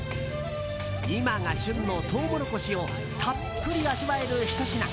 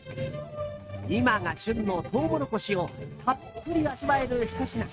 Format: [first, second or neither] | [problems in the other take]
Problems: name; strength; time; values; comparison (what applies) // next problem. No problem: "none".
first | noise reduction (neural mask model RNNoise)